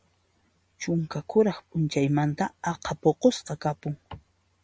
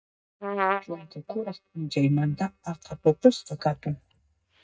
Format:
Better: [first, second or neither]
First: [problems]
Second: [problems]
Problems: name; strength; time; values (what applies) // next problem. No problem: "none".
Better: first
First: none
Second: noise reduction (neural mask model DeepFilterNet 3)